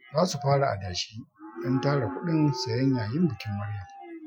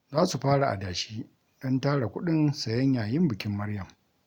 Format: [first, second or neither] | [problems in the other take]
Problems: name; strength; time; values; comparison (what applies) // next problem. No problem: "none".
second | noise reduction (classical method Wiener filter)